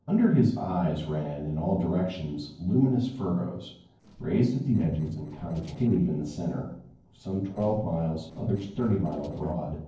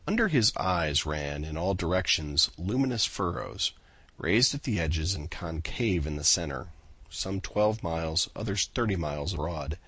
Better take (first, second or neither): second